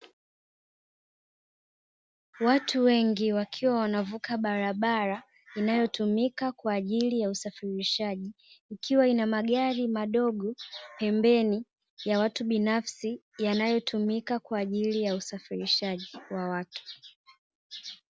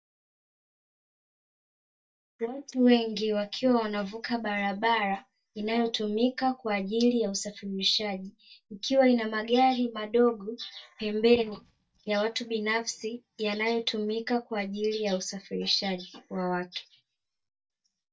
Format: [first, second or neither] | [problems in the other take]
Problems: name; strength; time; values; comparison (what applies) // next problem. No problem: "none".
first | noise reduction (neural mask model DeepFilterNet 3)